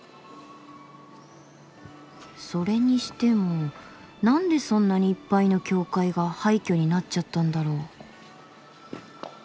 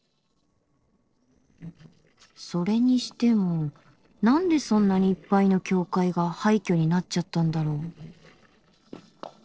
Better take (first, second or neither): first